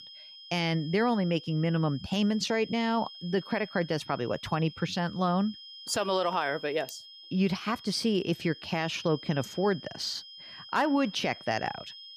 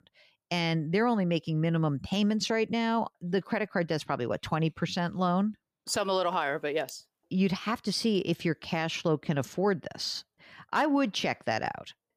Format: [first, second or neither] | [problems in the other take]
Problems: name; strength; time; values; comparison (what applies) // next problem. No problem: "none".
second | high-pitched whine; noticeable; throughout; 3 kHz, 15 dB below the speech